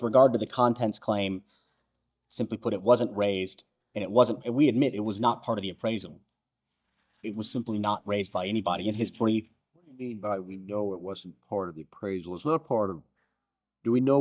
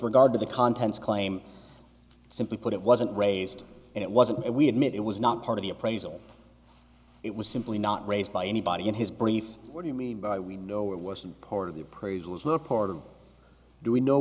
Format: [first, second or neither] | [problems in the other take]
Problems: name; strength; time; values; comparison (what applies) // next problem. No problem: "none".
second | noise reduction (neural mask model DeepFilterNet 3)